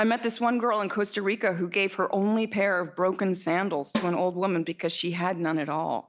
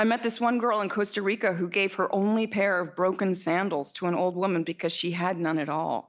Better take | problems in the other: second | background sound (Snare drum); 11 dB below the speech

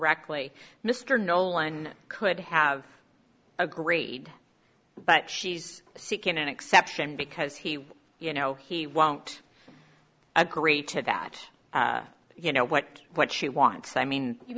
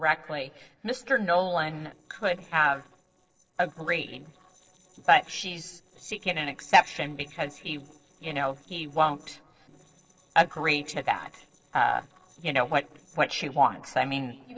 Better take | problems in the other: first | noise reduction (neural separator model SepFormer DNS4)

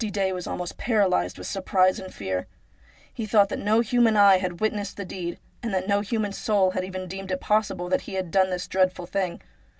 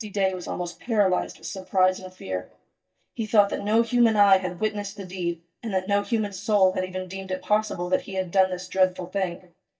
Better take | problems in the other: first | noise reduction (neural mask model DeepFilterNet 3)

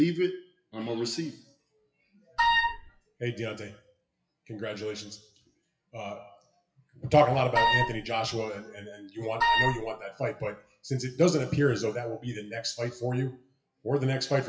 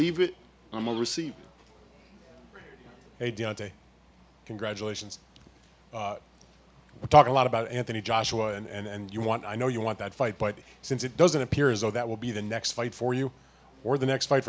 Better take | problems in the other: second | noise reduction (classical method WPE with log-MMSE)

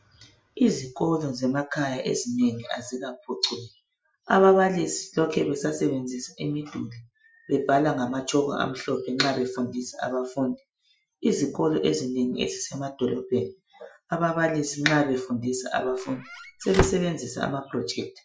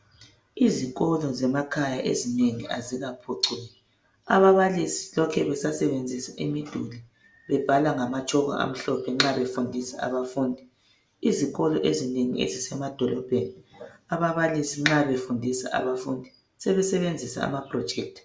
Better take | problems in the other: second | noise reduction (classical method Wiener filter)

